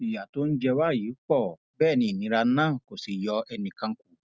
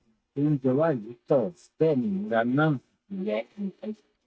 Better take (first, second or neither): first